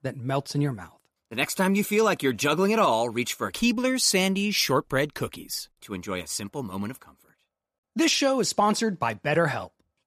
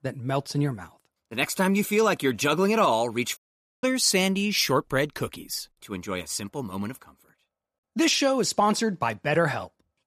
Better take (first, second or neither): first